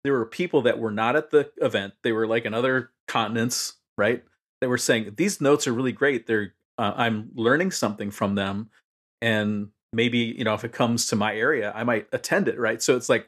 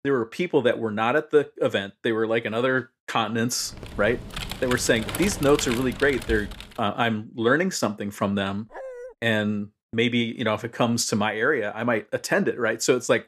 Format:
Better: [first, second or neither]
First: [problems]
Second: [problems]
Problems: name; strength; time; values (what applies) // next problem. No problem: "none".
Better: first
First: none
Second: keyboard typing; noticeable; from 3.5 to 6.5 s; peak 6 dB below the speech // dog barking; faint; at 8.5 s; peak 15 dB below the speech